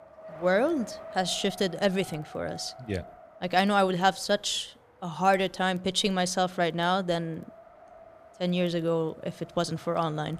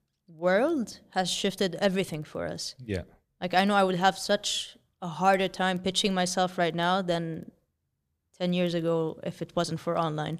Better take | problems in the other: second | wind noise on the microphone; occasional gusts; 20 dB below the speech

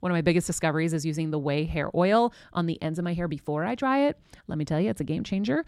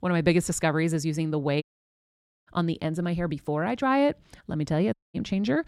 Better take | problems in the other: first | audio cutting out; at 1.5 s for 1 s and at 5 s

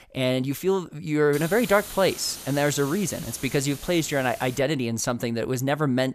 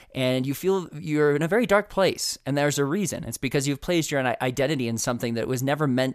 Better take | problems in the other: second | hiss; noticeable; from 1.5 to 4.5 s; 15 dB below the speech

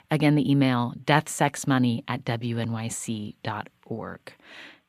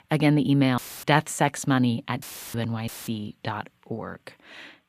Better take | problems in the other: first | audio cutting out; filled with static; at 1 s, at 2 s and at 3 s

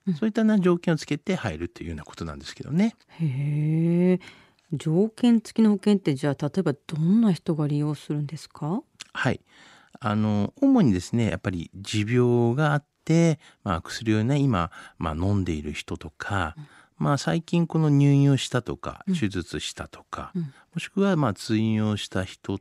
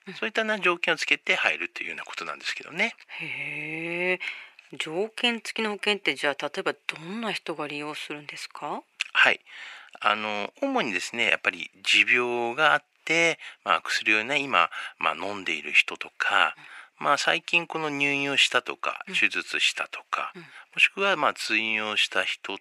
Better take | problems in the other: first | thin; very; fading below 650 Hz

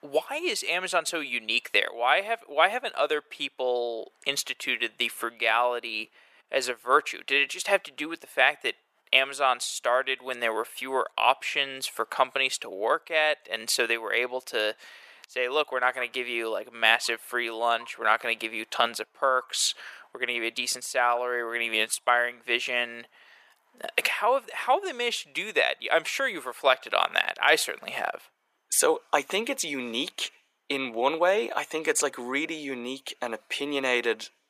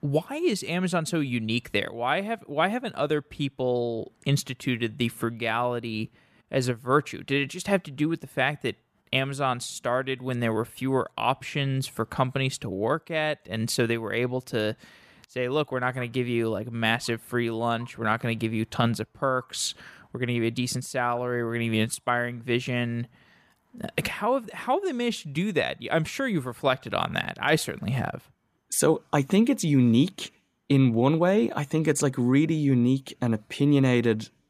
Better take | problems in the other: second | thin; very; fading below 500 Hz

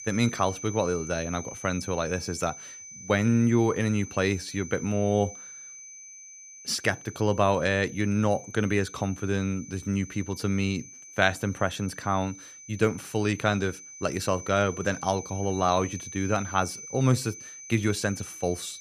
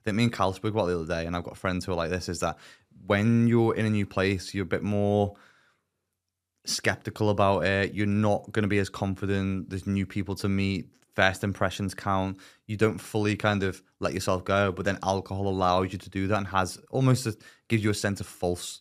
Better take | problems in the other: second | high-pitched whine; noticeable; throughout; 6 kHz, 15 dB below the speech

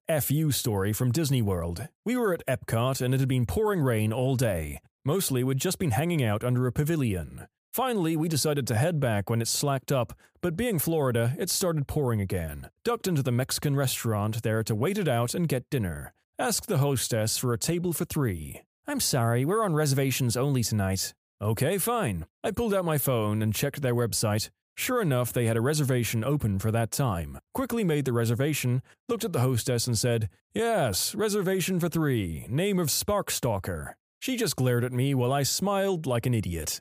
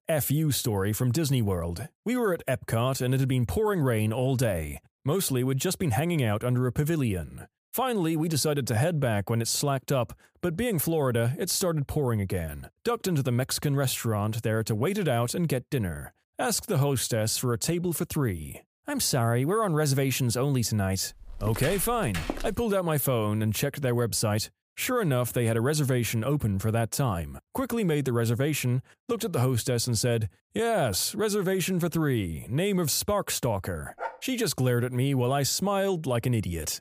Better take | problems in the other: first | footsteps; noticeable; from 21 to 23 s; peak 7 dB below the speech // dog barking; faint; at 34 s; peak 10 dB below the speech

